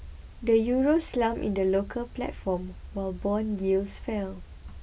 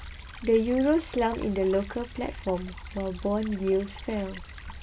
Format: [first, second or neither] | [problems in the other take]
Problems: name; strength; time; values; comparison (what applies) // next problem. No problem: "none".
first | background sound (Stream / Trickle, dribble); 19 dB below the speech